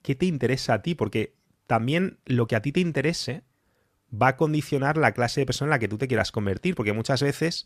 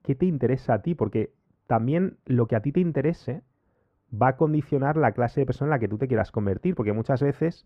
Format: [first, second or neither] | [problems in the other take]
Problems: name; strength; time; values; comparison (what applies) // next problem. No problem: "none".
first | muffled; very; fading above 2.5 kHz